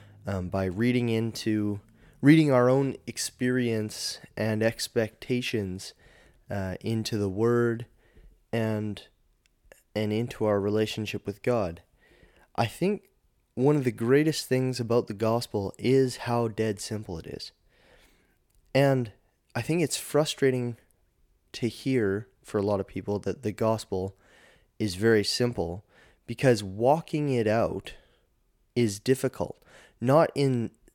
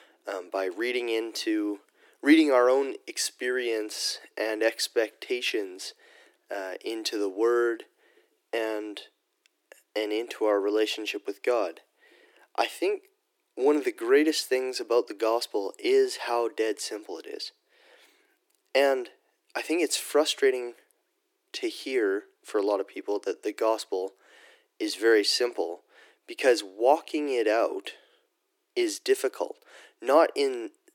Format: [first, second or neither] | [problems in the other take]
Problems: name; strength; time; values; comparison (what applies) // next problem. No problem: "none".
first | thin; somewhat; fading below 300 Hz